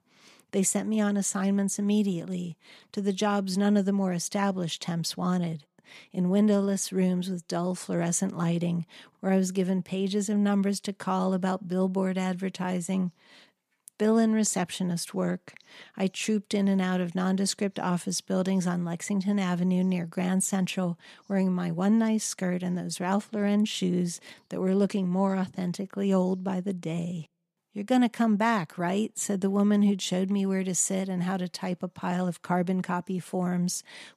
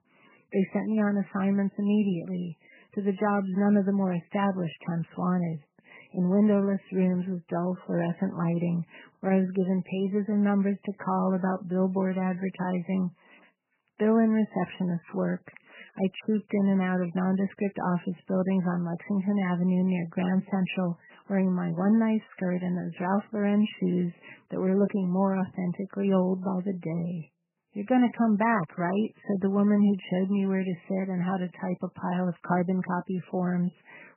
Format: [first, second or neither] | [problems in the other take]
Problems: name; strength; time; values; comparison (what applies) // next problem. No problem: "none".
first | garbled, watery; badly; nothing above 3 kHz